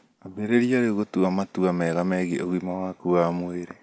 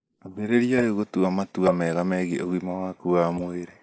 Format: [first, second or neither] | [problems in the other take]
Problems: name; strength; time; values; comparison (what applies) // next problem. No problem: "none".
first | noise reduction (neural mask model Resemble Enhance denoiser)